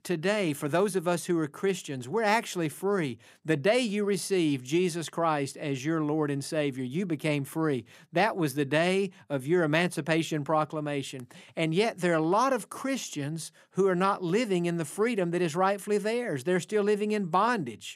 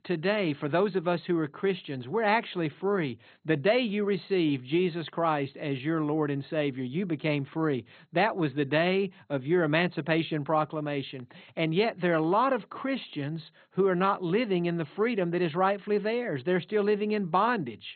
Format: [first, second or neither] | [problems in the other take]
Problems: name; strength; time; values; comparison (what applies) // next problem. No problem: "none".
first | garbled, watery; badly; nothing above 4 kHz